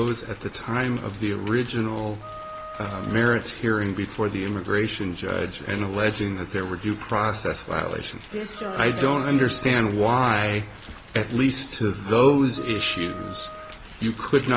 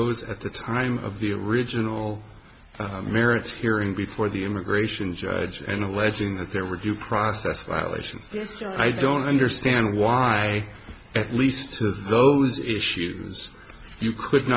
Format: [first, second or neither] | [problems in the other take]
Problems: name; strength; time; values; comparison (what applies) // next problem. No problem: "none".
second | background sound (Rain + Wind instrument, woodwind instrument); 18 dB below the speech